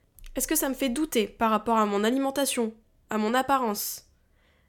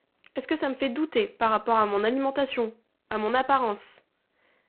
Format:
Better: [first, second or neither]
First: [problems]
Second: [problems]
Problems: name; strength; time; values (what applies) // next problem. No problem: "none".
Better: first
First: none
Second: phone-call audio; poor line